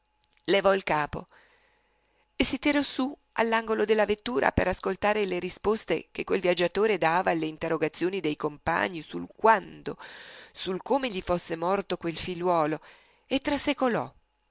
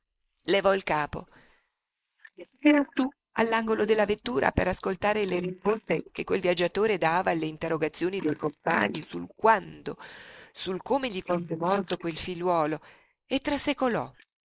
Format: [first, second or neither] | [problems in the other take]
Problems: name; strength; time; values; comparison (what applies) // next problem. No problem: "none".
first | noise reduction (neural mask model Resemble Enhance denoiser)